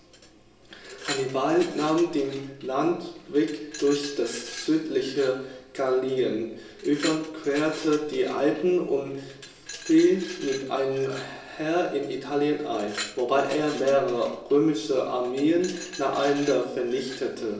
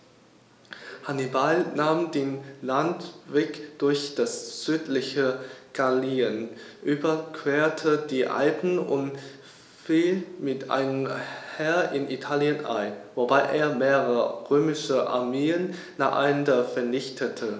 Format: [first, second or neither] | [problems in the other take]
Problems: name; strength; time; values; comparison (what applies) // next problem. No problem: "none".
second | background sound (Glass); 16 dB below the speech // room echo; dies away in 0.7 s